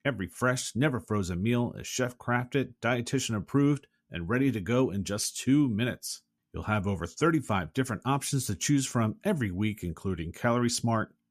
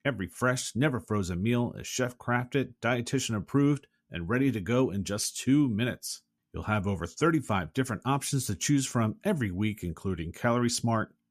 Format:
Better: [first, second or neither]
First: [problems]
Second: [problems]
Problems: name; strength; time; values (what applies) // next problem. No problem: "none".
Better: neither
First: none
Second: none